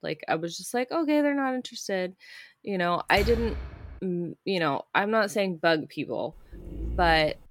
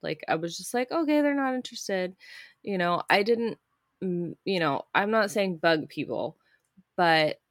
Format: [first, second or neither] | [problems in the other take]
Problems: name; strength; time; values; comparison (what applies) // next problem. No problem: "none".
second | door banging; noticeable; at 3 s; peak 6 dB below the speech // dog barking; noticeable; from 6.5 s on; peak 7 dB below the speech